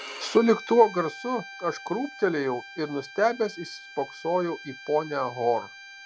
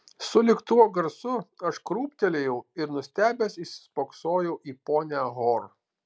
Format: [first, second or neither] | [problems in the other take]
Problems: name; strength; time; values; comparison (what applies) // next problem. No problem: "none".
second | background sound (Bowed string instrument); 16 dB below the speech